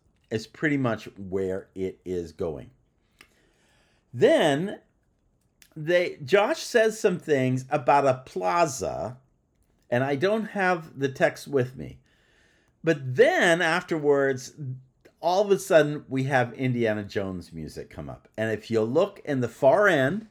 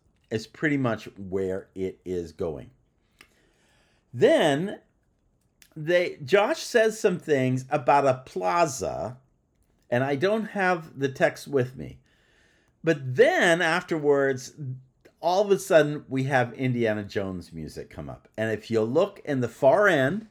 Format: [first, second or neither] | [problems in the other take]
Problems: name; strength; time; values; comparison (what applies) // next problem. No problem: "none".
neither | none